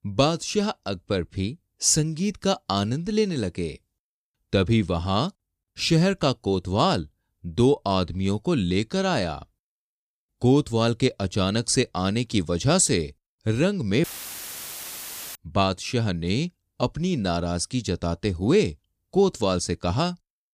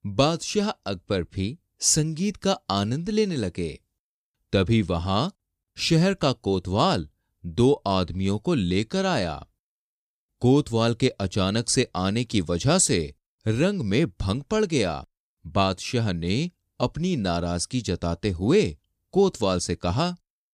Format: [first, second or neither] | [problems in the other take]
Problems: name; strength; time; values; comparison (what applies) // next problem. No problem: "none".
second | audio cutting out; filled with static; at 14 s for 1.5 s